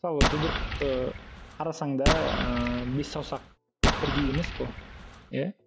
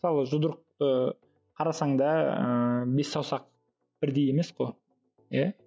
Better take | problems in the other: second | background sound (Explosion); 2 dB above the speech

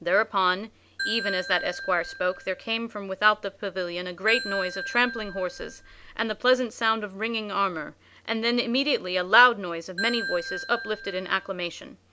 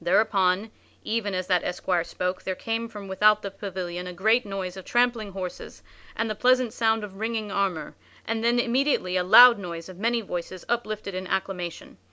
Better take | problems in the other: second | background sound (Ringtone / Bell); 8 dB below the speech

